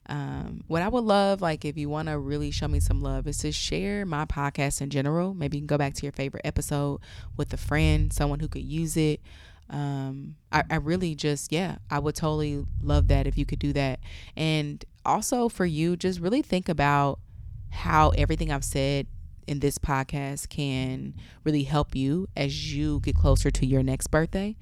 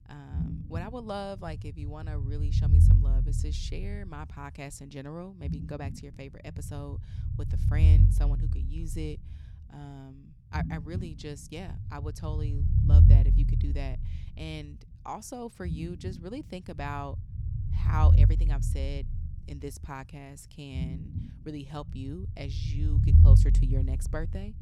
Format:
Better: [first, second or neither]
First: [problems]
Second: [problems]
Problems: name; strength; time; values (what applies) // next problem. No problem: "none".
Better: first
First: low rumble; faint; throughout; 25 dB below the speech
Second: low rumble; loud; throughout; 1 dB below the speech